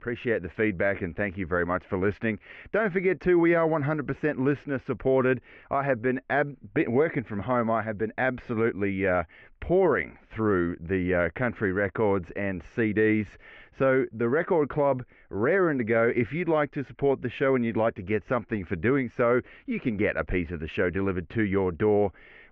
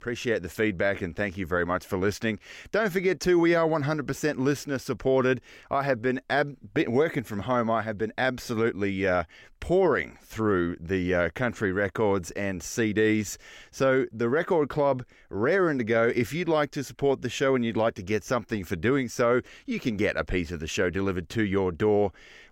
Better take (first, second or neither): second